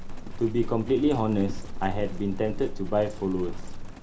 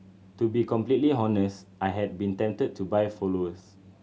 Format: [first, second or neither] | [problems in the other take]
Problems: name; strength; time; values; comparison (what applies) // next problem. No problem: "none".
second | background sound (Livestock, farm animals, working animals); 4 dB below the speech